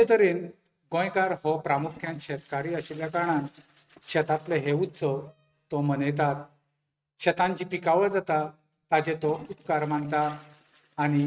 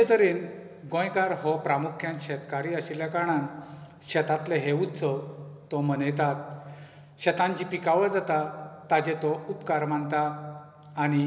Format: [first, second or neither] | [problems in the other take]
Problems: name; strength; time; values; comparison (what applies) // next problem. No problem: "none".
second | noise reduction (neural mask model RNNoise)